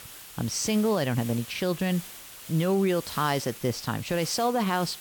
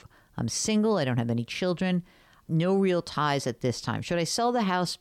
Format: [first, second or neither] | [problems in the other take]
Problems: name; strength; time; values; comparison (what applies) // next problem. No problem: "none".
second | hiss; noticeable; throughout; 15 dB below the speech